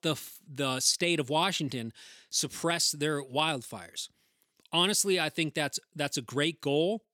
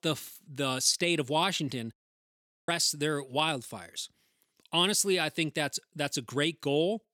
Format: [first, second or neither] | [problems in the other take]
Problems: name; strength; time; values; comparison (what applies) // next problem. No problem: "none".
first | audio cutting out; at 2 s for 1 s